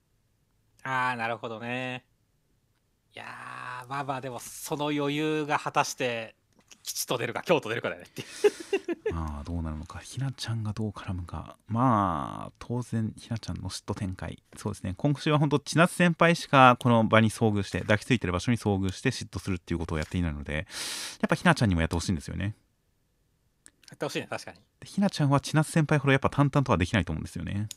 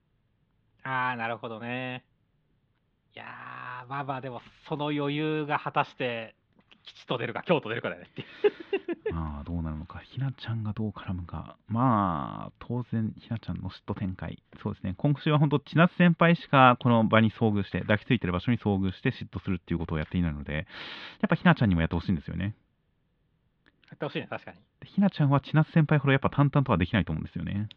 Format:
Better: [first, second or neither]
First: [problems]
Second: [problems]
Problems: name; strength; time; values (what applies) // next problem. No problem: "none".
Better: first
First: none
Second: muffled; very; fading above 3.5 kHz